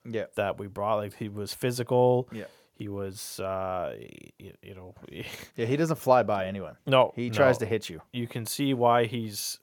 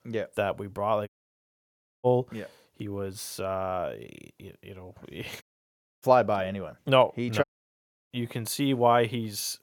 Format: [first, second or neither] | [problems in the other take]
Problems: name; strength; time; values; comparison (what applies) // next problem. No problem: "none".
first | audio cutting out; at 1 s for 1 s, at 5.5 s for 0.5 s and at 7.5 s for 0.5 s